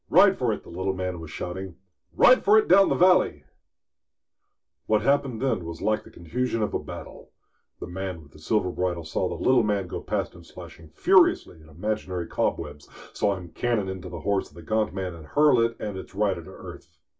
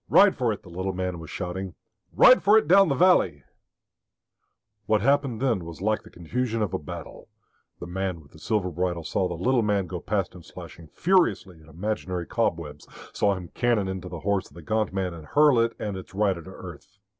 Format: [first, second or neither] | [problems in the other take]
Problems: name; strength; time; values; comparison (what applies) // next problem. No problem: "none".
second | room echo; dies away in 0.2 s